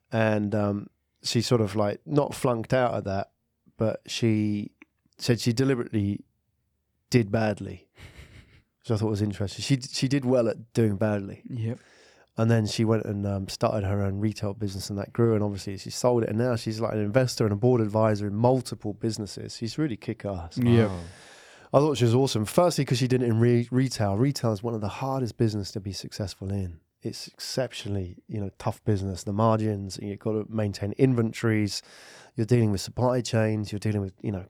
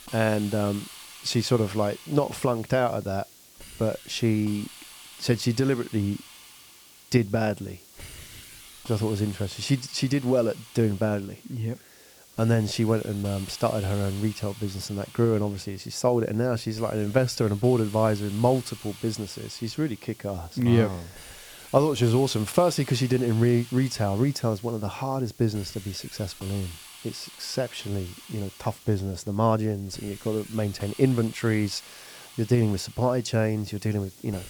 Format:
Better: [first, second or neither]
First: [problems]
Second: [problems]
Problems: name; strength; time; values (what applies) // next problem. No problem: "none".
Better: first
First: none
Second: hiss; noticeable; throughout; 20 dB below the speech